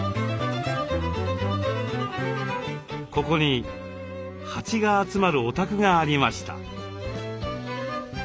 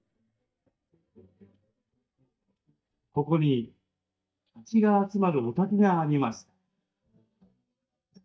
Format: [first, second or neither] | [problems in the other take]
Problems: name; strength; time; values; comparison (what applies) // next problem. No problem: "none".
first | noise reduction (neural mask model DeepFilterNet 3)